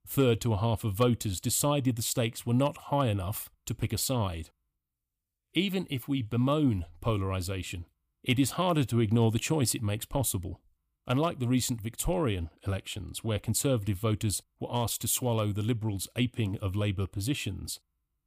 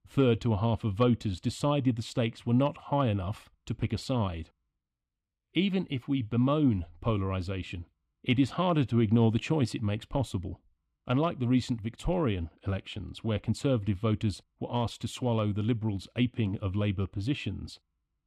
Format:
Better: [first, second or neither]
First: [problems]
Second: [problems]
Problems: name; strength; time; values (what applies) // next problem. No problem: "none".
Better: first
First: none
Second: muffled; slightly; fading above 3.5 kHz